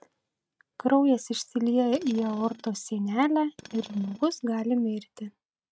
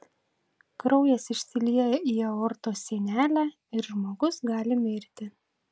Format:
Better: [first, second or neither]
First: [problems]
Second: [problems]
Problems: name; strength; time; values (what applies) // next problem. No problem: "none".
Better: second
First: noise reduction (neural mask model RNNoise)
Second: none